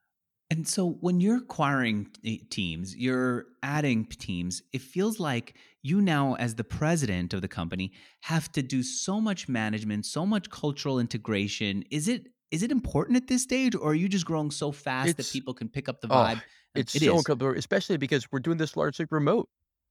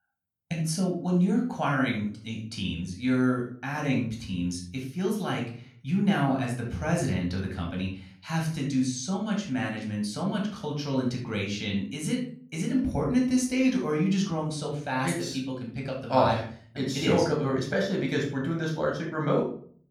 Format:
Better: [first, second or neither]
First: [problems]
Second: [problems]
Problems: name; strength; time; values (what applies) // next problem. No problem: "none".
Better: first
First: none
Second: off-mic speech; somewhat distant // room echo; slight; dies away in 0.4 s